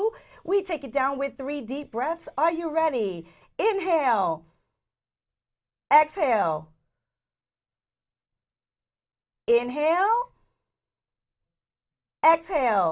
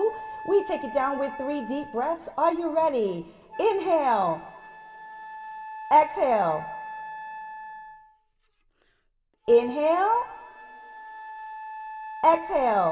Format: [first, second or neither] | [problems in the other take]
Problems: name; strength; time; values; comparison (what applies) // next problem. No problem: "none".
first | background sound (Wind instrument, woodwind instrument); 14 dB below the speech // room echo; dies away in 2.5 s